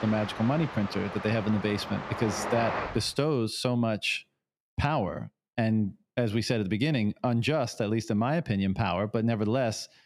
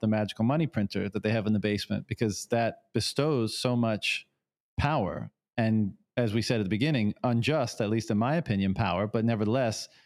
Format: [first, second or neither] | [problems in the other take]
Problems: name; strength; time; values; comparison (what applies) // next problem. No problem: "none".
second | train or aircraft noise; loud; until 3 s; 7 dB below the speech